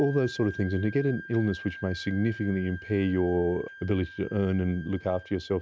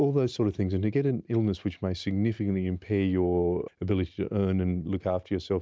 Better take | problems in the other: second | background sound (Wind instrument, woodwind instrument); 16 dB below the speech

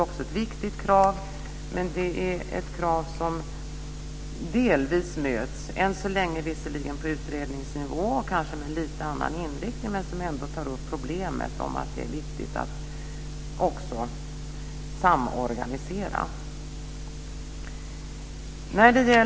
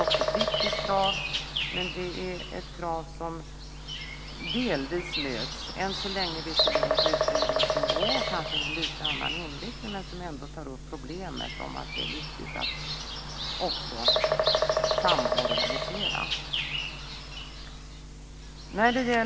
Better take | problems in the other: first | background sound (Bird vocalization, bird call, bird song); 3 dB above the speech

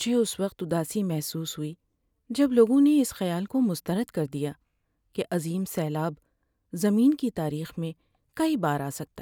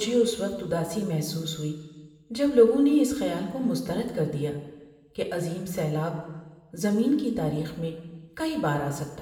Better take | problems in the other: first | room echo; dies away in 1.1 s

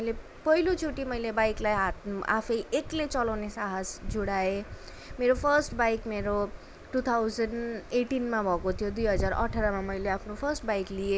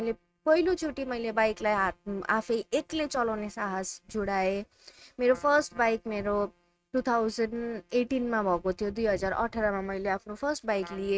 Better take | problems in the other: first | noise reduction (neural mask model RNNoise)

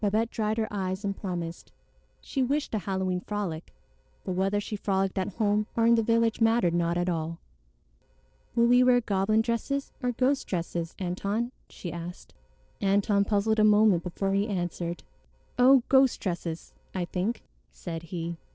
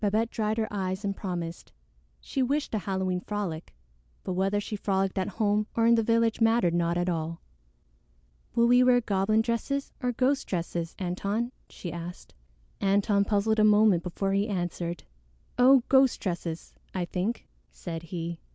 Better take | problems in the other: second | noise reduction (neural separator model SepFormer DNS4)

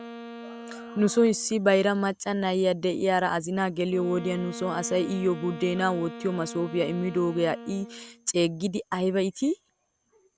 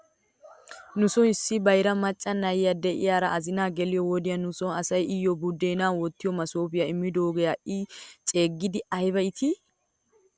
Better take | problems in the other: second | background sound (Wind instrument, woodwind instrument); 16 dB below the speech

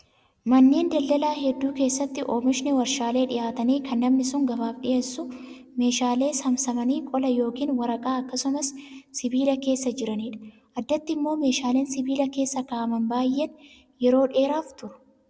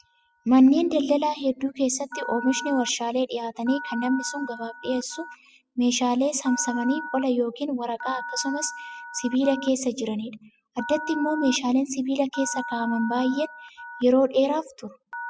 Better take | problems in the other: first | noise reduction (classical method spectral subtraction)

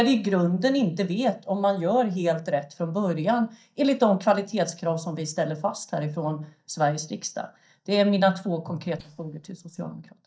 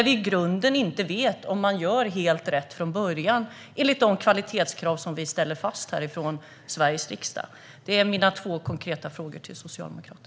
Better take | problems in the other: second | noise reduction (neural mask model DeepFilterNet 3)

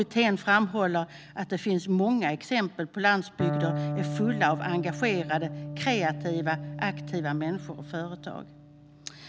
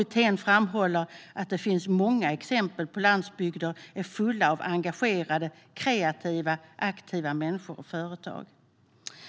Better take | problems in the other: second | background sound (Electric guitar); 8 dB below the speech

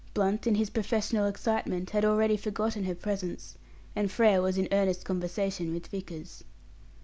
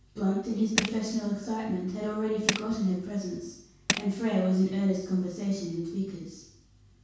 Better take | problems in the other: first | background sound (Tools); 6 dB below the speech // room echo; dies away in 0.6 s

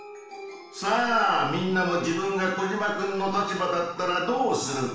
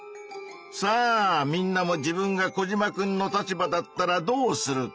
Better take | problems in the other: second | room echo; dies away in 0.7 s

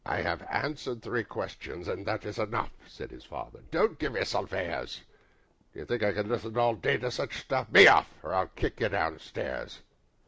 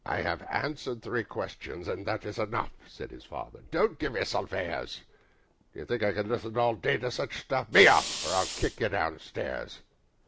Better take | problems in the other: first | background sound (Fire); 6 dB below the speech

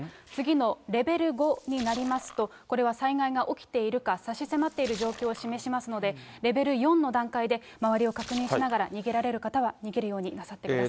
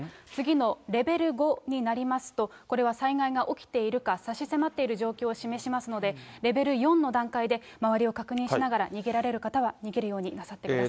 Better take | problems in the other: second | background sound (Splash, splatter); 18 dB below the speech

